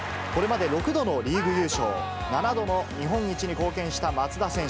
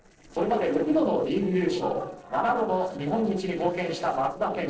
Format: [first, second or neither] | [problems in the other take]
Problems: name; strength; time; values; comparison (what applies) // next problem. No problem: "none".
first | noise reduction (neural separator model SepFormer DNS4)